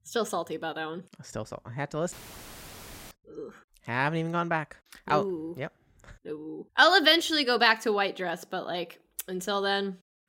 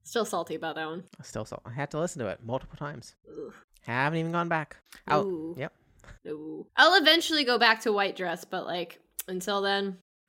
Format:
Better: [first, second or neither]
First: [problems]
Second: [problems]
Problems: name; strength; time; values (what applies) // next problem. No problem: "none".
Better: second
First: audio cutting out; filled with static; at 2 s for 1 s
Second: none